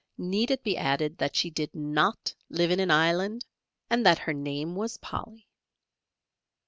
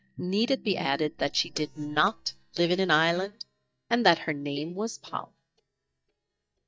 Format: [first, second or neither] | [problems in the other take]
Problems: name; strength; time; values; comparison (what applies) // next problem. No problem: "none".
first | noise reduction (neural mask model DeepFilterNet 3)